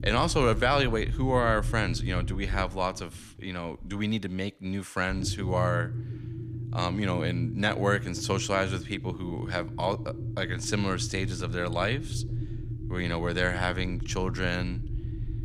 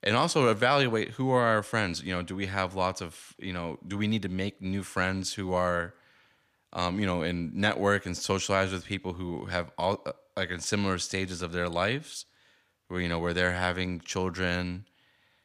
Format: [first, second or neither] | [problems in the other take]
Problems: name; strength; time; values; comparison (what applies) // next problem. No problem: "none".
second | low rumble; noticeable; throughout; 15 dB below the speech